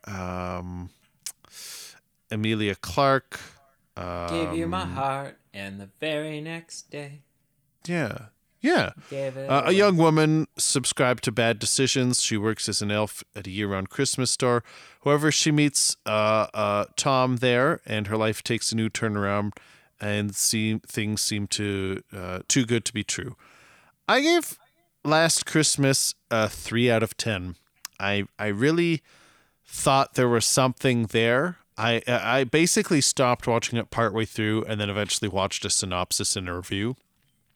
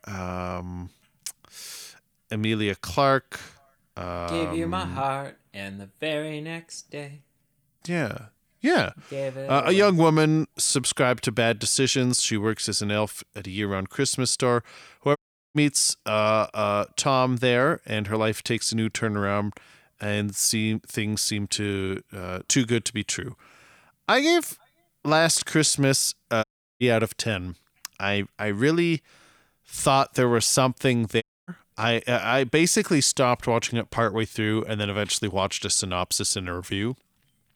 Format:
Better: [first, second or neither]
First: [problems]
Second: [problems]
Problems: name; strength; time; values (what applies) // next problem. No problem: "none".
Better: first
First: none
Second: audio cutting out; at 15 s, at 26 s and at 31 s